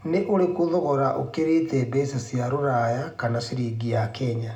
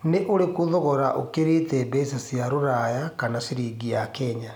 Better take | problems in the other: second | room echo; dies away in 0.2 s

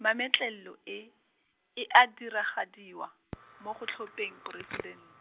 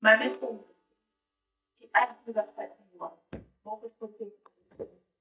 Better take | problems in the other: first | noise reduction (neural mask model DeepFilterNet 3)

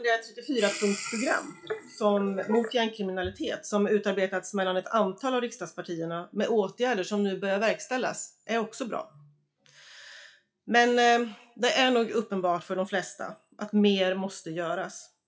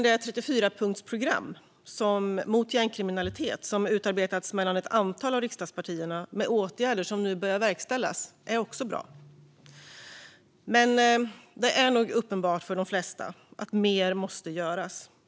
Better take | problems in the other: second | noise reduction (classical method WPE with log-MMSE)

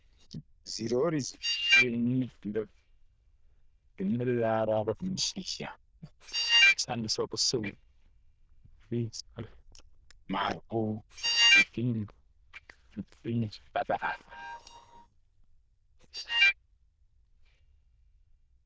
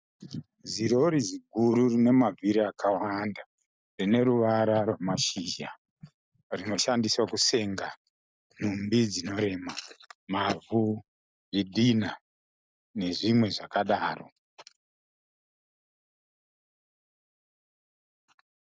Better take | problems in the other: second | noise reduction (neural diffusion model UNIVERSE++)

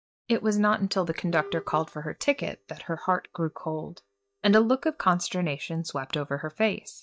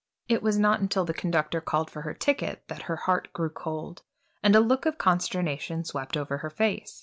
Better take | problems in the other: second | noise reduction (neural mask model DeepFilterNet 3)

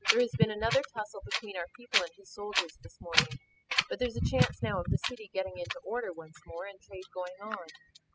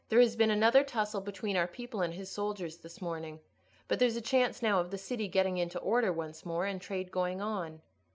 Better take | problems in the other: second | noise reduction (classical method spectral subtraction)

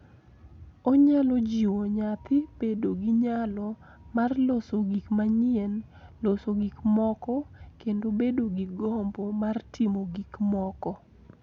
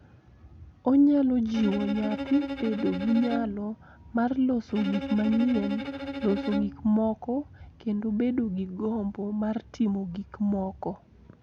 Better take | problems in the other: first | background sound (Bowed string instrument); 8 dB below the speech

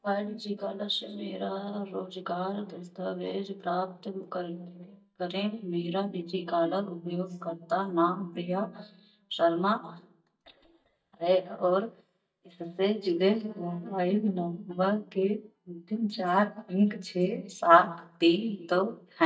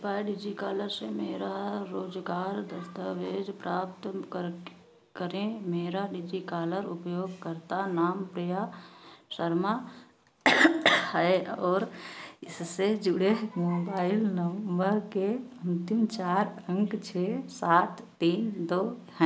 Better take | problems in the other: second | noise reduction (neural mask model DeepFilterNet 3)

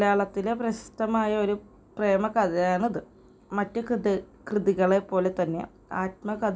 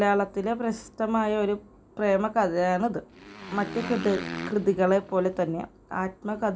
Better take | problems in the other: first | background sound (Motorcycle); 12 dB below the speech

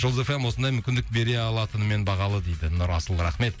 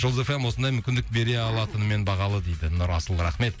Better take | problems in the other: first | background sound (Sneeze); 20 dB below the speech

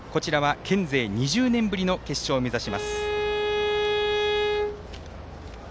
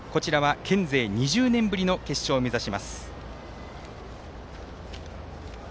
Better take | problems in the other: second | background sound (Bowed string instrument); 1 dB above the speech

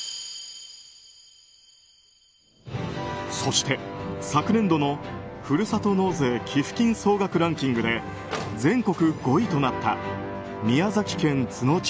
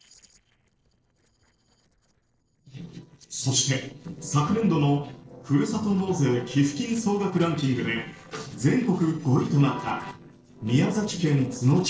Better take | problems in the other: first | noise reduction (neural separator model SepFormer DNS4)

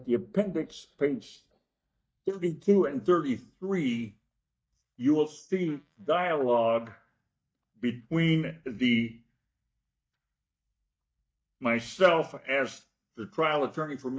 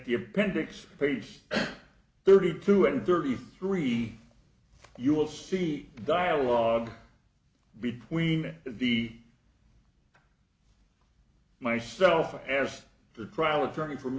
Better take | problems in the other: second | noise reduction (neural mask model DeepFilterNet 3)

